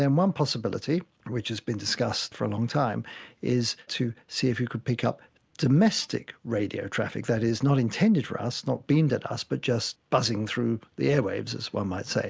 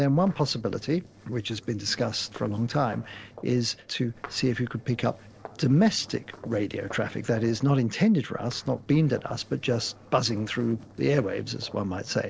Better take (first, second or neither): first